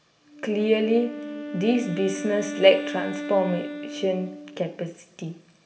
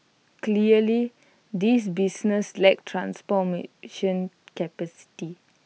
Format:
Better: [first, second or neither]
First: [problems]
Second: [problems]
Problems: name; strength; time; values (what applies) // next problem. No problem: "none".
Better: second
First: background sound (Wind instrument, woodwind instrument); 10 dB below the speech // room echo; dies away in 1.7 s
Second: none